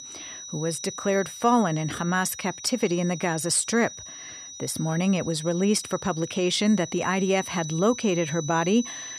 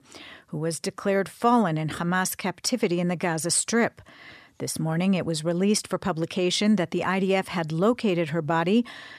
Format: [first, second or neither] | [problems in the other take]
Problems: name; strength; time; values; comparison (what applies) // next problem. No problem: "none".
second | high-pitched whine; noticeable; throughout; 6 kHz, 10 dB below the speech